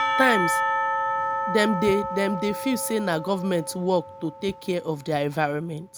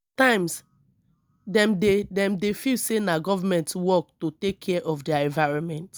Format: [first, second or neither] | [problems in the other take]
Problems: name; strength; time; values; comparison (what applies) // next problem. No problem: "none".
second | background sound (Church bell / Percussion); 3 dB below the speech